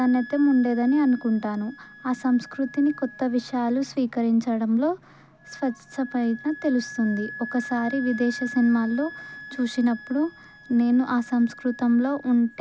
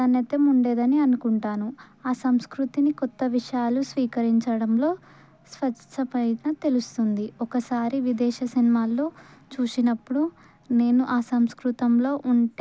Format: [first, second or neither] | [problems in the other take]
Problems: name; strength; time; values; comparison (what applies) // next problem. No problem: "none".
second | background sound (Wind instrument, woodwind instrument); 17 dB below the speech